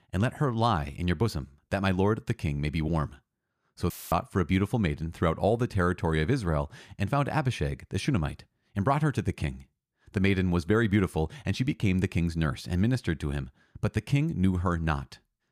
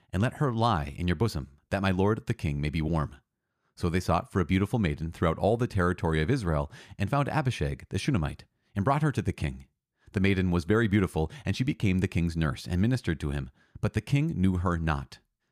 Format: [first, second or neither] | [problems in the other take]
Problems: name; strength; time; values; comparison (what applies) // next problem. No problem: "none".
second | audio cutting out; filled with static; at 4 s